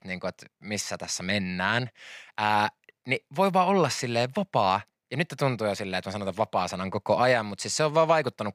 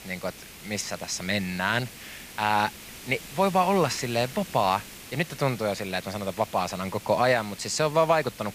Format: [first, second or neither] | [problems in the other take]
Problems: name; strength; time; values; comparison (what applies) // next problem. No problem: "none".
first | hiss; noticeable; throughout; 15 dB below the speech